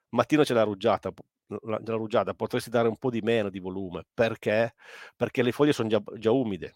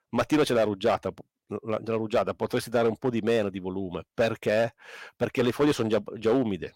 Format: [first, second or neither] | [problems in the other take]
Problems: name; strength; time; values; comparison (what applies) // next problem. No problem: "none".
first | distortion; slight; 4% of the sound clipped